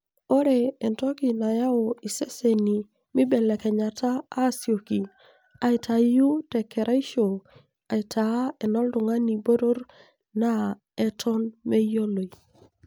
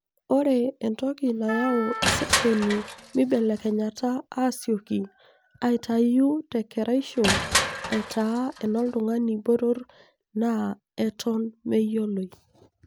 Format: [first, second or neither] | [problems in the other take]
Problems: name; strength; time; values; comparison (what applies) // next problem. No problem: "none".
first | background sound (Crushing + Wind instrument, woodwind instrument); 6 dB below the speech